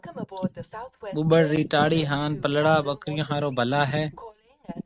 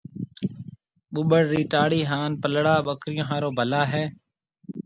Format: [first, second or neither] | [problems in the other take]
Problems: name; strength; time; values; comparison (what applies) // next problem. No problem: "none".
second | noise reduction (neural mask model RNNoise)